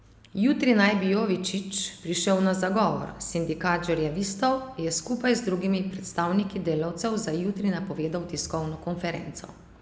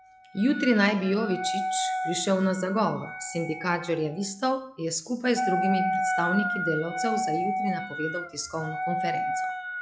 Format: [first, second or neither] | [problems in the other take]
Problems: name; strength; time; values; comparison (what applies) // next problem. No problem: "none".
first | noise reduction (classical method log-MMSE)